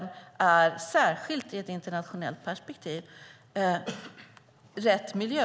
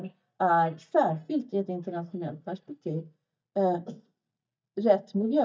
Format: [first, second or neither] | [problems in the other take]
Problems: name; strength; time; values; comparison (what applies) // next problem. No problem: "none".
first | noise reduction (neural mask model DeepFilterNet 3)